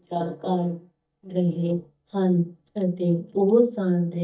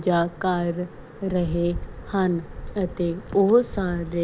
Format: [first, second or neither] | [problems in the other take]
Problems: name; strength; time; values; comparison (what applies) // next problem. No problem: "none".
second | noise reduction (neural mask model DeepFilterNet 3)